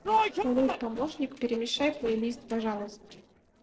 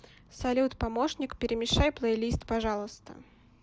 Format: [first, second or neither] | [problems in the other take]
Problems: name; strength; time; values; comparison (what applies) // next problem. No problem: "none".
second | noise reduction (neural separator model SepFormer DNS4)